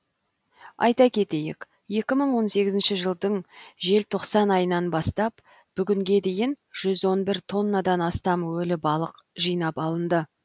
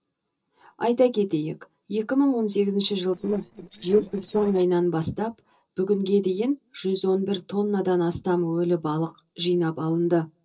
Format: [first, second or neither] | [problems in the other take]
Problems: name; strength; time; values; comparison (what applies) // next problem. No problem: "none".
first | noise reduction (neural separator model SepFormer DNS4)